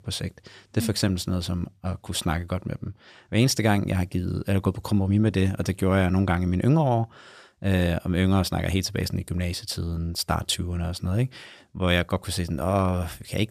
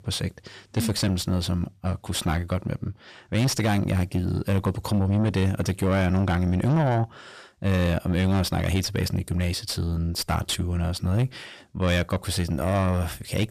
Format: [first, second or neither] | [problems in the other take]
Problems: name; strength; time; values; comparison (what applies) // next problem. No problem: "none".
first | distortion; slight; 10 dB below the speech